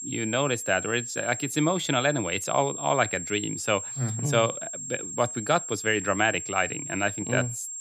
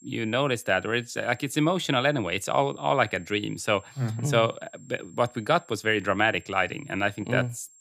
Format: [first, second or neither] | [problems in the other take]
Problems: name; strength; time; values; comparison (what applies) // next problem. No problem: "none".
second | high-pitched whine; loud; throughout; 7.5 kHz, 7 dB below the speech; faint in the second